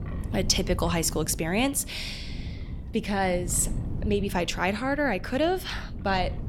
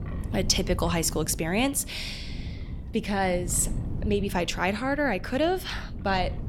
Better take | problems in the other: neither | wind noise on the microphone; occasional gusts; 20 dB below the speech; the same in both

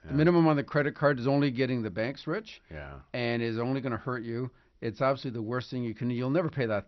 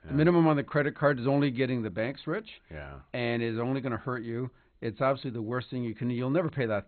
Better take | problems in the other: first | garbled, watery; badly; nothing above 4 kHz; slightly in the first

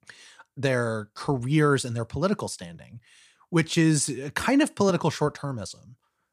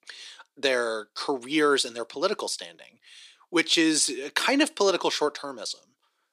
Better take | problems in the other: first | thin; somewhat; fading below 350 Hz

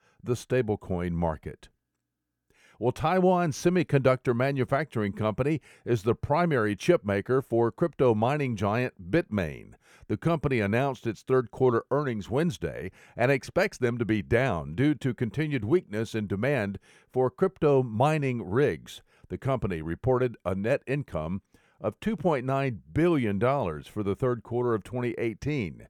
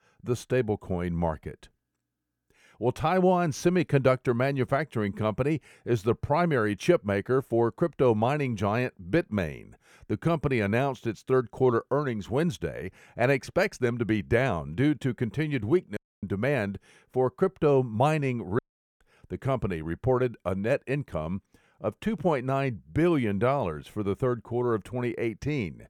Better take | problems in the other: first | audio cutting out; at 16 s and at 19 s

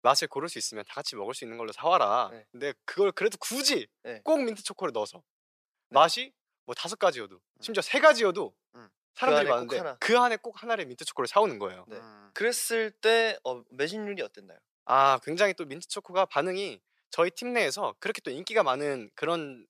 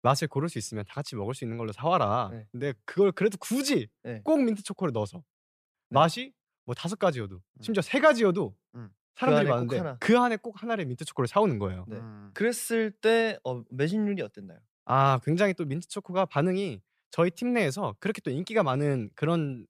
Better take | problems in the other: second | thin; somewhat; fading below 450 Hz

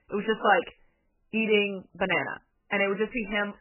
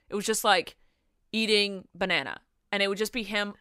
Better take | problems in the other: second | garbled, watery; badly; nothing above 3 kHz

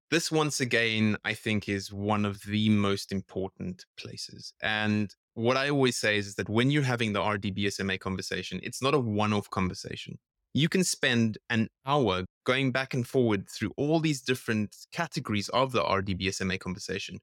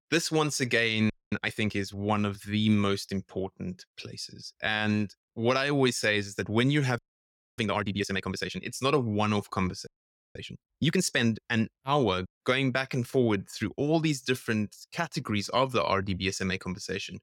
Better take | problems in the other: first | audio freezing; at 1 s, at 7 s for 0.5 s and at 10 s

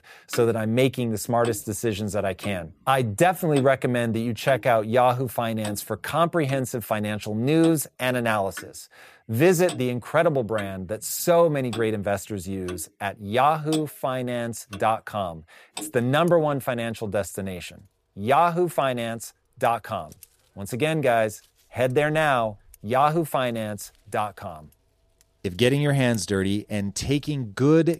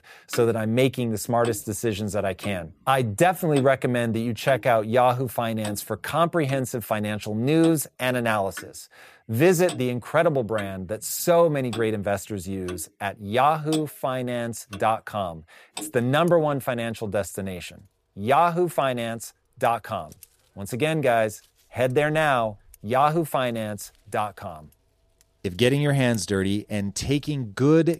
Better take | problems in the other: neither | household noises; noticeable; throughout; 15 dB below the speech; the same in both

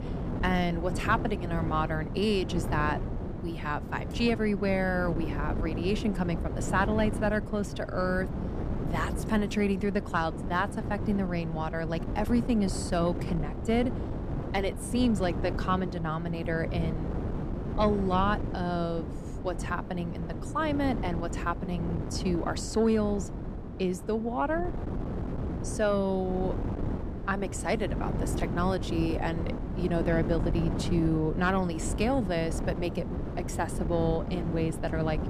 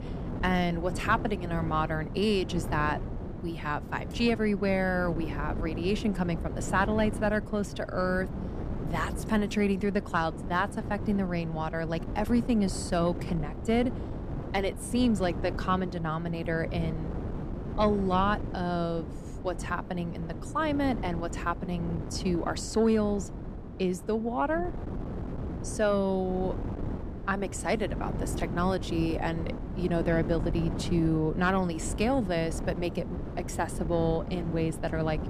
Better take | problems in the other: second | wind noise on the microphone; heavy; 9 dB below the speech; occasional gusts in the second

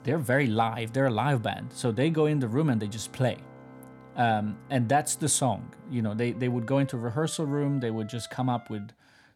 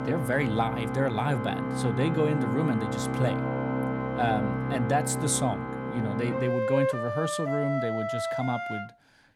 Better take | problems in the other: first | background music; loud; throughout; 1 dB below the speech; faint in the first

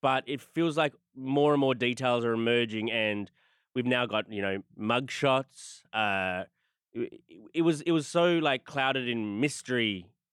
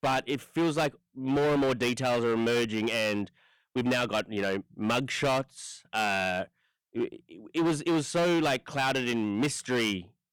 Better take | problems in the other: first | distortion; heavy; 14% of the sound clipped

